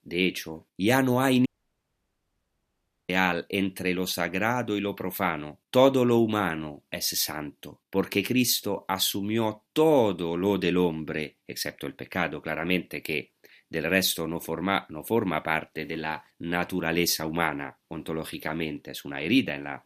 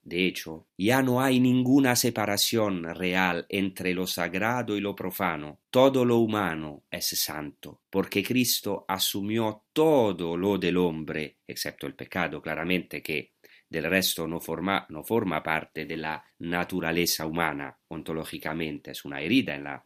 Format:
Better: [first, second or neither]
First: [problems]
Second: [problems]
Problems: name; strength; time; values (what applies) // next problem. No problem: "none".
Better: second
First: audio cutting out; at 1.5 s for 1.5 s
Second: none